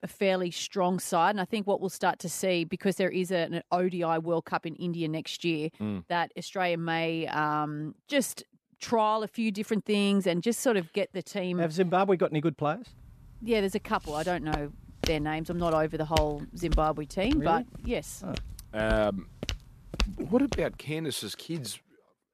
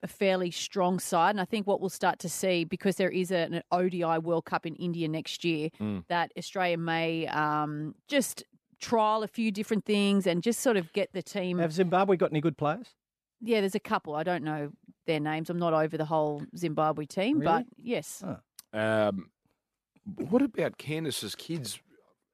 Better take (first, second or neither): second